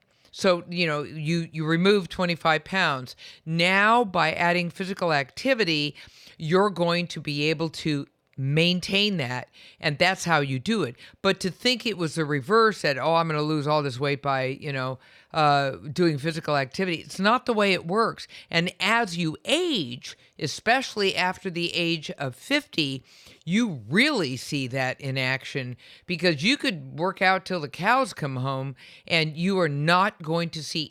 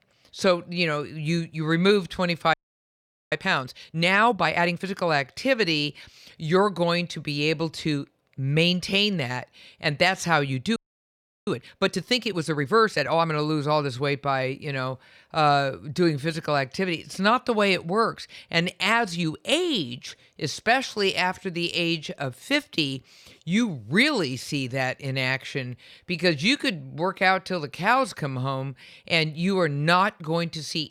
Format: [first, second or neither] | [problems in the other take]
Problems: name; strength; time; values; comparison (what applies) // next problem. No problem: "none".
first | audio freezing; at 2.5 s for 1 s and at 11 s for 0.5 s